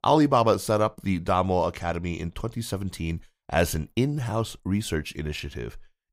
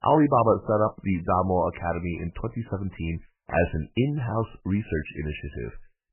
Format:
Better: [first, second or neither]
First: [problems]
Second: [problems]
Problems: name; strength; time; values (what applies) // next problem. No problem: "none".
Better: first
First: none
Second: garbled, watery; badly; nothing above 3 kHz